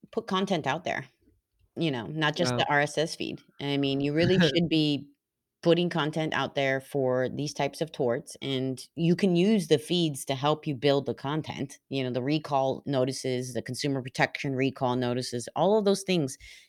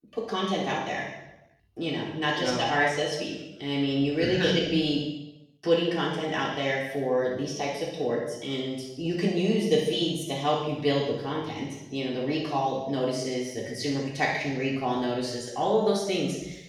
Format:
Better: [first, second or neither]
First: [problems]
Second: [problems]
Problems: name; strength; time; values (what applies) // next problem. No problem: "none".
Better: first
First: none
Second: room echo; strong; dies away in 0.8 s // off-mic speech; far